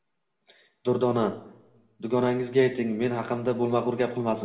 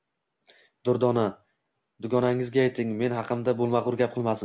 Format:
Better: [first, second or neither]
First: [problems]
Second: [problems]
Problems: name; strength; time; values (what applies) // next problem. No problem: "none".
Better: second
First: room echo; dies away in 0.6 s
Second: none